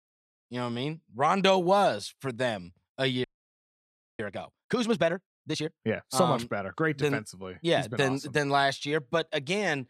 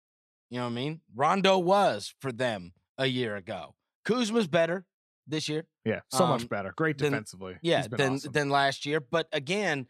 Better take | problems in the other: second | audio freezing; at 3 s for 1 s

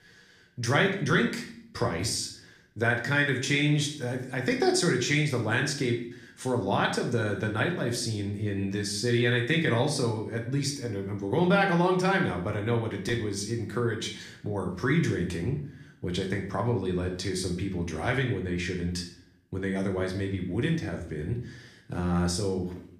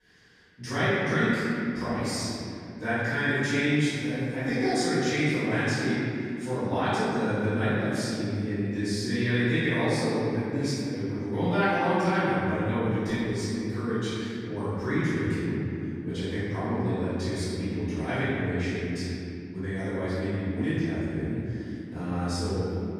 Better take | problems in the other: first | room echo; strong; dies away in 3 s; slight in the first // off-mic speech; far; somewhat distant in the first

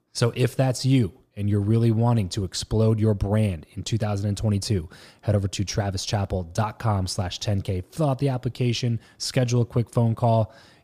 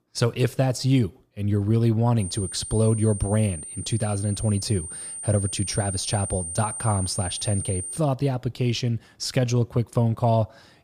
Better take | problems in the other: first | high-pitched whine; loud; from 2 to 8 s; 9 kHz, 7 dB below the speech

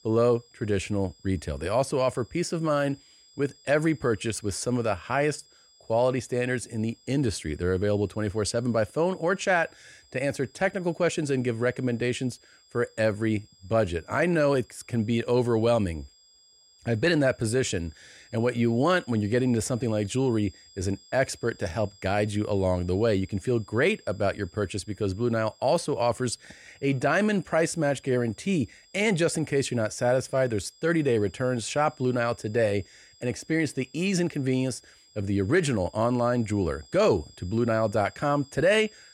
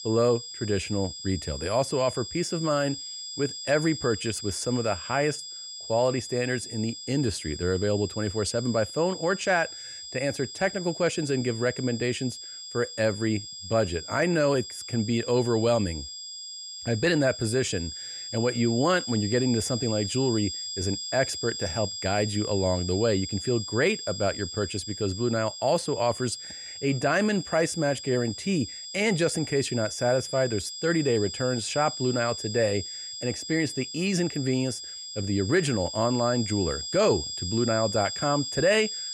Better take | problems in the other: first | high-pitched whine; loud; throughout; 5 kHz, 8 dB below the speech; faint in the first

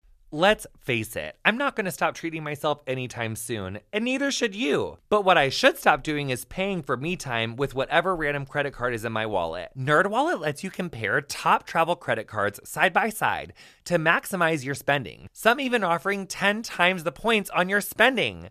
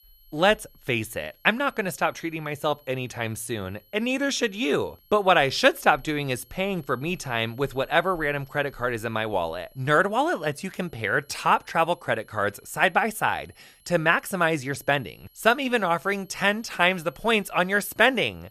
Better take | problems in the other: first | high-pitched whine; faint; throughout; 11.5 kHz, 30 dB below the speech

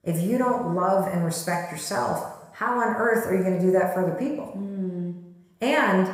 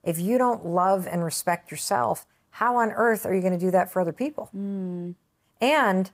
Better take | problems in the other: second | room echo; noticeable; dies away in 1 s // off-mic speech; somewhat distant

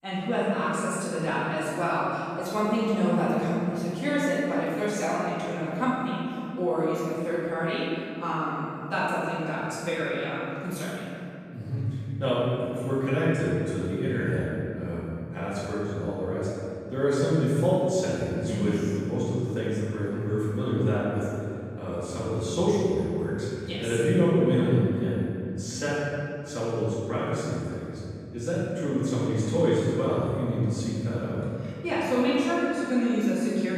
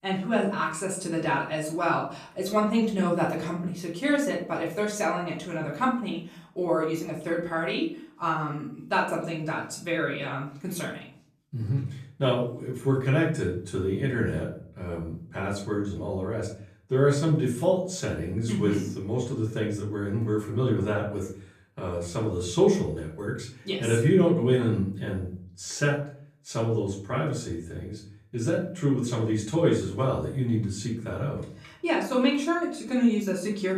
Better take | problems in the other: second | room echo; strong; dies away in 2.6 s; slight in the second // off-mic speech; far; far in the second

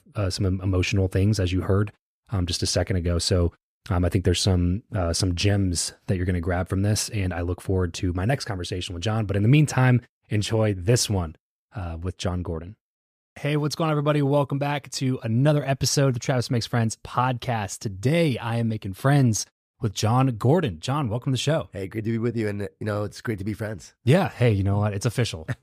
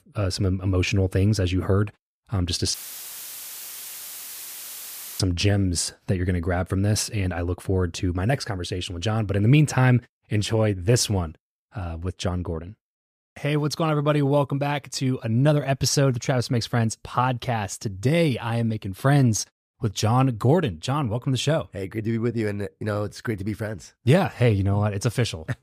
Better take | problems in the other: first | audio cutting out; filled with static; at 2.5 s for 2.5 s

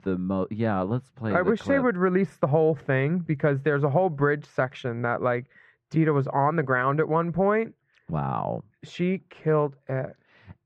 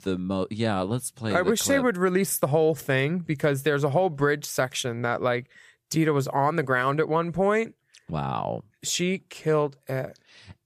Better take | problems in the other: second | muffled; very; fading above 1.5 kHz

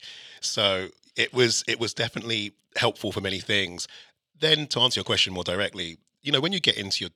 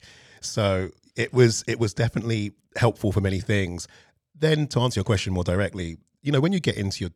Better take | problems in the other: second | thin; somewhat; fading below 800 Hz

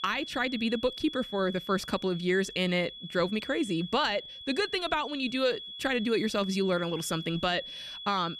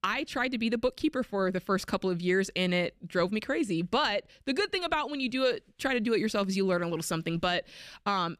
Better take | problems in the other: second | high-pitched whine; noticeable; throughout; 3.5 kHz, 10 dB below the speech

